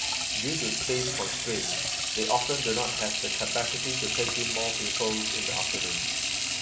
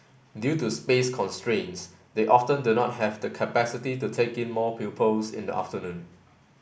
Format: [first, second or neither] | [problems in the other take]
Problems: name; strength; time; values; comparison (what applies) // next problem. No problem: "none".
second | background sound (Sink (filling or washing) / Water tap, faucet); 4 dB above the speech